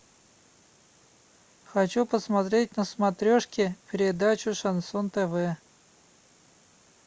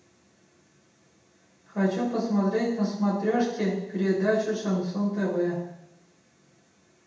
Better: first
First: none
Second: room echo; dies away in 0.8 s

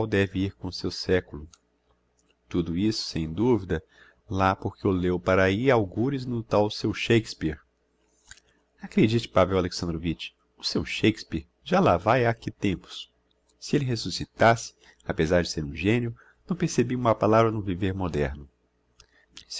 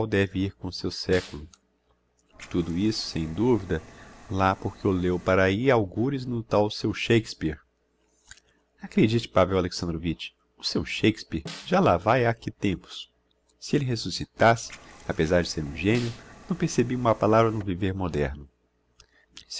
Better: first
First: none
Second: background sound (Liquid + Snare drum); 20 dB below the speech

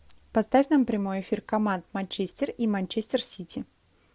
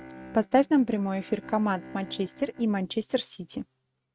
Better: first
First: none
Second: noise reduction (neural mask model RNNoise)

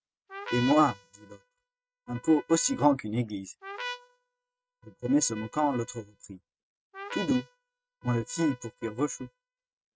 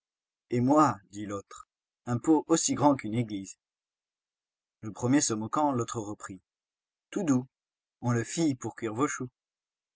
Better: second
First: noise reduction (neural mask model RNNoise)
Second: none

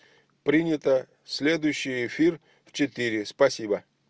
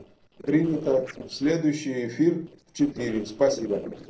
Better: first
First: none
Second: noise reduction (neural separator model SepFormer DNS4)

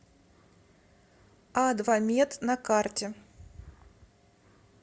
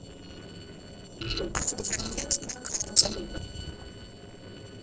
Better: first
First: none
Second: noise reduction (neural separator model SepFormer DNS4)

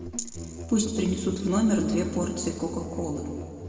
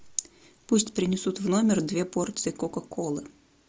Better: second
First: background sound (Musical instrument); 10 dB below the speech // room echo; dies away in 2.1 s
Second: none

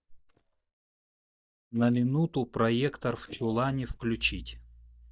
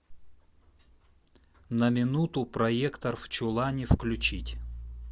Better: second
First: noise reduction (neural mask model DeepFilterNet 3)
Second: none

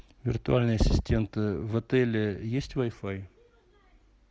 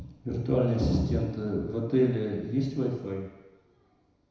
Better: first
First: none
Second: room echo; dies away in 1 s

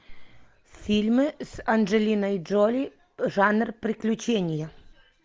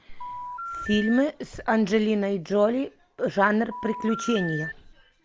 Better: first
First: none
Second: background sound (Telephone); 9 dB below the speech

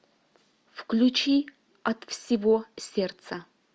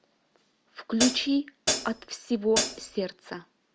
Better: first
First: none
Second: background sound (Hi-hat); 1 dB above the speech

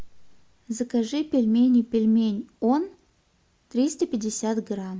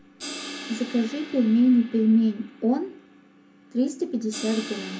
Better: first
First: none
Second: background sound (Crash cymbal); 15 dB below the speech // room echo; dies away in 0.3 s

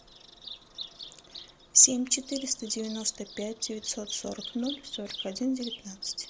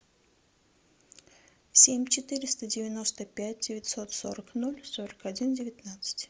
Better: second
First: background sound (Bird vocalization, bird call, bird song); 14 dB below the speech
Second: none

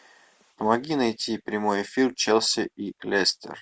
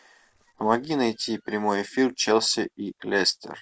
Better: first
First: none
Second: noise reduction (neural separator model SepFormer DNS4)

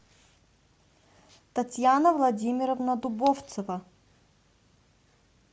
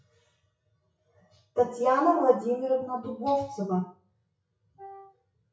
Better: first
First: none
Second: noise reduction (classical method WPE with log-MMSE)

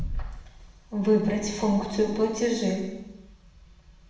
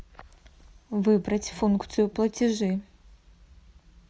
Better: second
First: room echo; dies away in 0.9 s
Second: none

